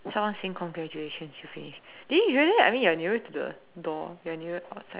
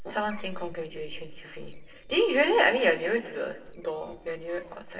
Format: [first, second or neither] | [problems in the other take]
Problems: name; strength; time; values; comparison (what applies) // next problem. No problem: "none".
first | noise reduction (neural separator model SepFormer DNS4)